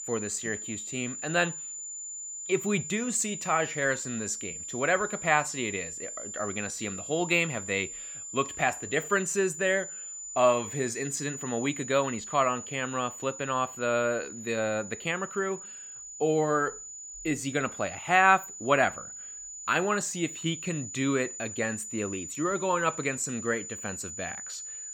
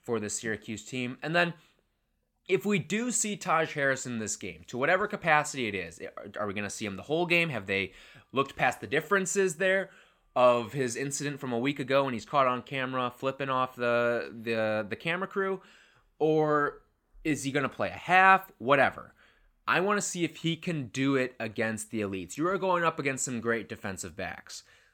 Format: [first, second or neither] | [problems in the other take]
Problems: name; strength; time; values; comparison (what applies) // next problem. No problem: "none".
second | high-pitched whine; loud; throughout; 7 kHz, 9 dB below the speech